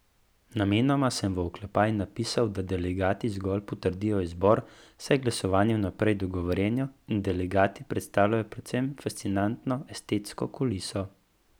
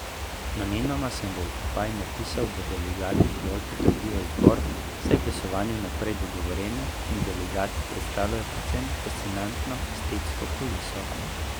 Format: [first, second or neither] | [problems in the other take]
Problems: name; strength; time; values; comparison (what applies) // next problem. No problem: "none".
first | background sound (Fireworks / Ocean); 4 dB above the speech